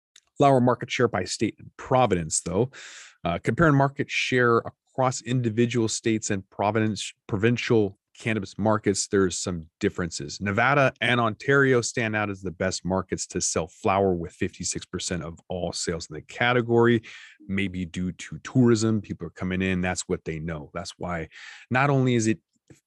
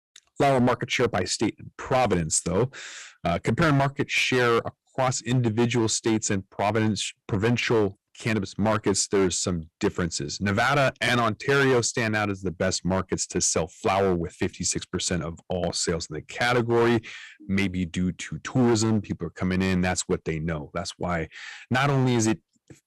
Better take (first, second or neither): first